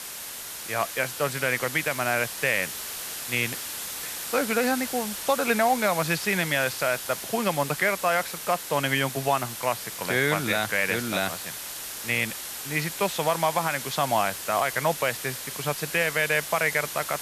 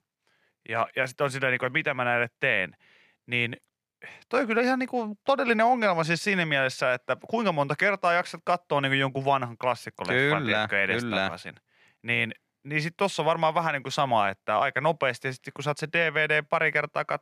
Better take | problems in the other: second | hiss; loud; throughout; 7 dB below the speech

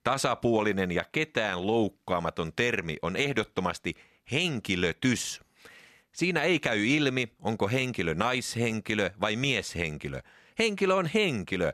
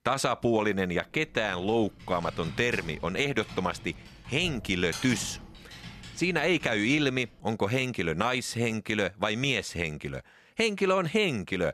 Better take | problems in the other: first | keyboard typing; noticeable; from 1 to 7.5 s; peak 9 dB below the speech

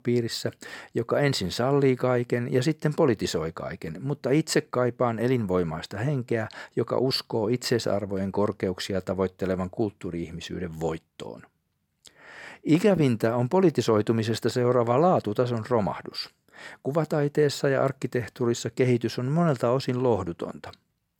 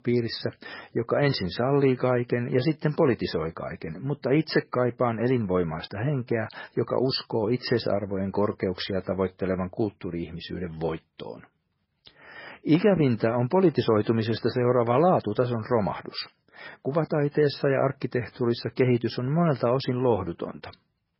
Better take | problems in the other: first | garbled, watery; badly; nothing above 5.5 kHz

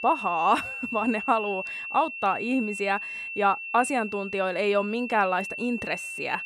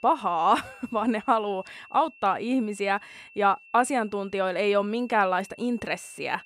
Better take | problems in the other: second | high-pitched whine; loud; throughout; 2.5 kHz, 7 dB below the speech; faint in the second

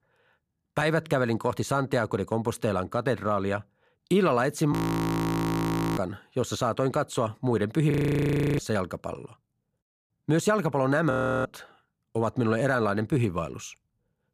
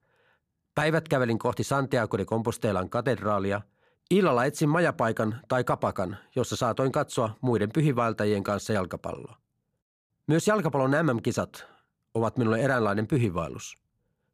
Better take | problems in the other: second | audio freezing; at 4.5 s for 1 s, at 8 s for 0.5 s and at 11 s

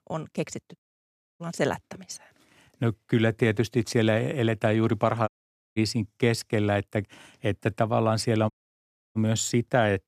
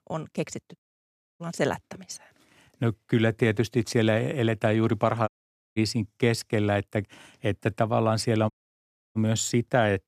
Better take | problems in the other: neither | audio cutting out; at 1 s for 0.5 s, at 5.5 s and at 8.5 s for 0.5 s; the same in both

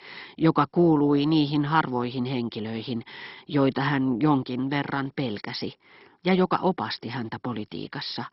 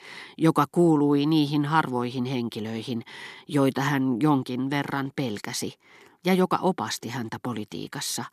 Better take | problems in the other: second | garbled, watery; badly; nothing above 5.5 kHz

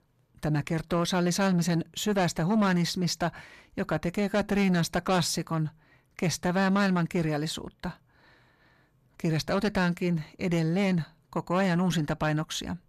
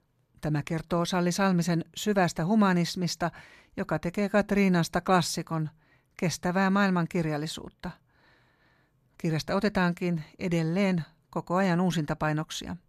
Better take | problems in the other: second | distortion; slight; 10 dB below the speech

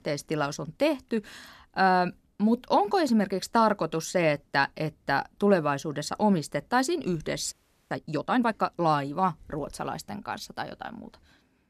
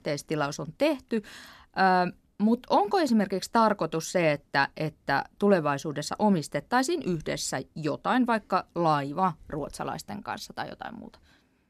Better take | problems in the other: second | audio freezing; at 7.5 s

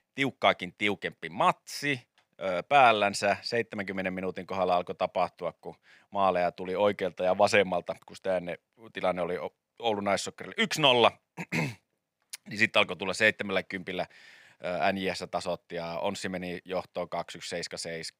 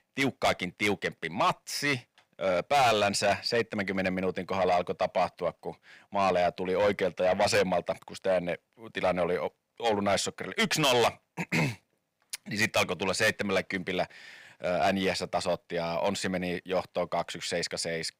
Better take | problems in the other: first | distortion; heavy; 6 dB below the speech

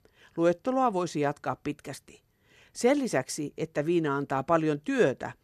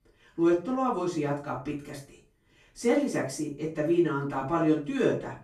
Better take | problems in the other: first | room echo; slight; dies away in 0.3 s // off-mic speech; far

